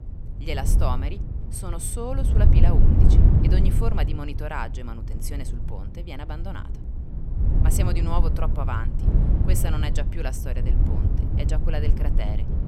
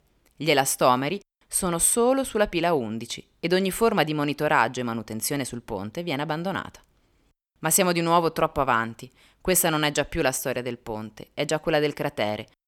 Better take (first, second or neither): second